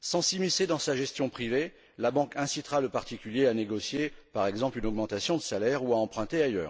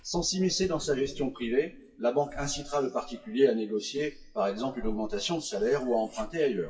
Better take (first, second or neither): first